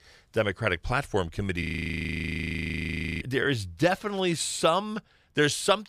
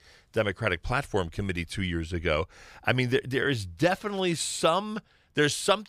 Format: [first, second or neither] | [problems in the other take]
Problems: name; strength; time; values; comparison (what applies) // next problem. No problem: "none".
second | audio freezing; at 1.5 s for 1.5 s